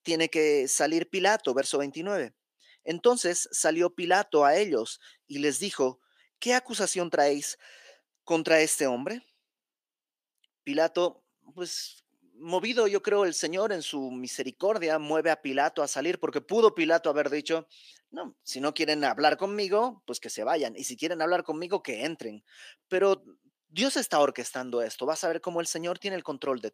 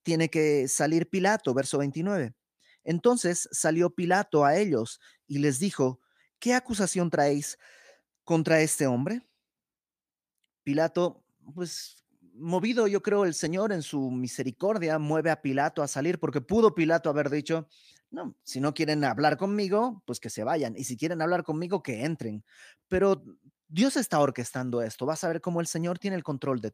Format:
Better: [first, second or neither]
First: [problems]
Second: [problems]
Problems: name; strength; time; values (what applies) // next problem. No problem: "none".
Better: second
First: thin; somewhat; fading below 400 Hz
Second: none